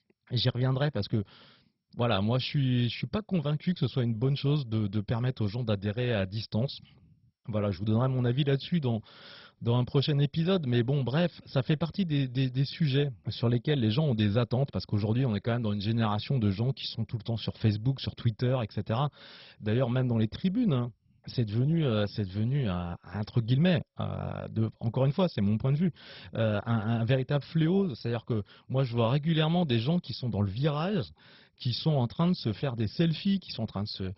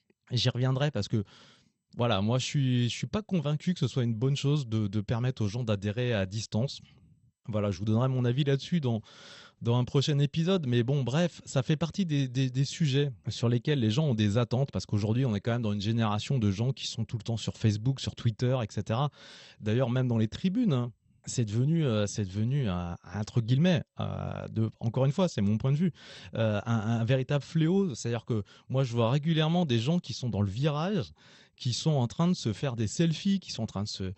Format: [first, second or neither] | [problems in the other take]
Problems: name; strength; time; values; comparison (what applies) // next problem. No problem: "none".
second | garbled, watery; badly; nothing above 5.5 kHz; slightly in the second